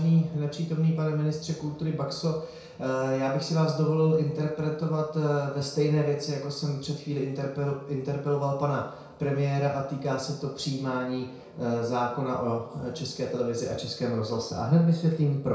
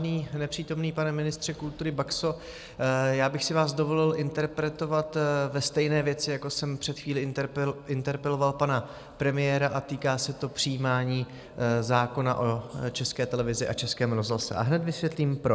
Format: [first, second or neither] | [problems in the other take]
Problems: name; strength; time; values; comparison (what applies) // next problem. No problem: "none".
second | room echo; dies away in 0.6 s